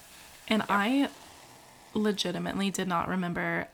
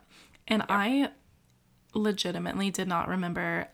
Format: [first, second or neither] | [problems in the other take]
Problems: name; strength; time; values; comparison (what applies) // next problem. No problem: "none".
second | hiss; faint; throughout; 20 dB below the speech